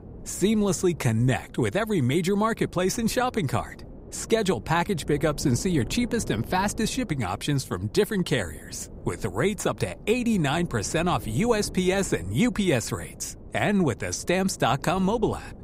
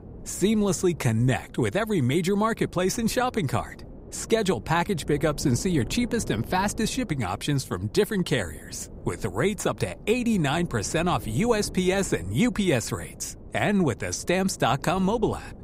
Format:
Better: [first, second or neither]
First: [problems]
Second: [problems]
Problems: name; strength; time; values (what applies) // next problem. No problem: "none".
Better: neither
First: wind noise on the microphone; occasional gusts; 20 dB below the speech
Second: wind noise on the microphone; occasional gusts; 20 dB below the speech